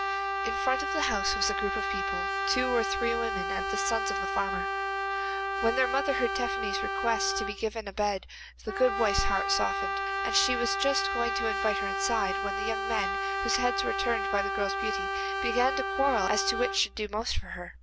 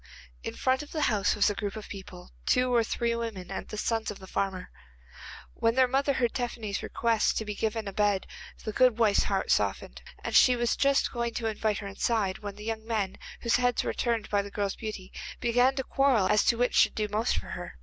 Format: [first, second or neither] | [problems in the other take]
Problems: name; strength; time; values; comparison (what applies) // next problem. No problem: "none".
second | background sound (Brass instrument); as loud as the speech